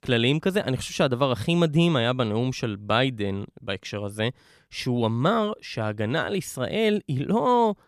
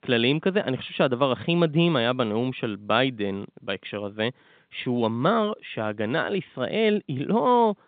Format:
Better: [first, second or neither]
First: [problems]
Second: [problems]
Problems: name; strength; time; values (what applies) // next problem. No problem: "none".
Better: first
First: none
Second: phone-call audio; nothing above 3.5 kHz